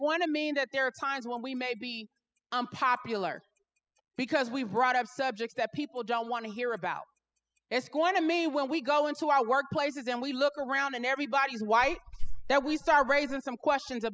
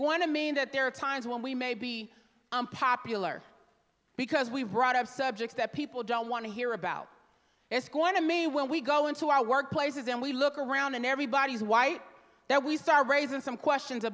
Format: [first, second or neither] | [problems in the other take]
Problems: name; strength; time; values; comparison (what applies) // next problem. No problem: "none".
second | noise reduction (classical method spectral subtraction)